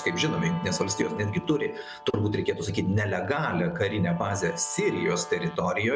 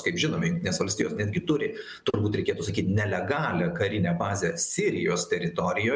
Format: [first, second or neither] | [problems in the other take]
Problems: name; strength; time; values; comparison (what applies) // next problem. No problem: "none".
second | background sound (Guitar); 15 dB below the speech